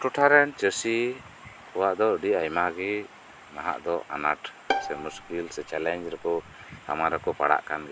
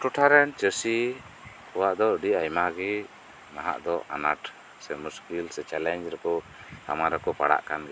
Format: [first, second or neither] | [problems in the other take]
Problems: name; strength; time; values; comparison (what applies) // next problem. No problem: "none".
second | background sound (Bowed string instrument); 8 dB below the speech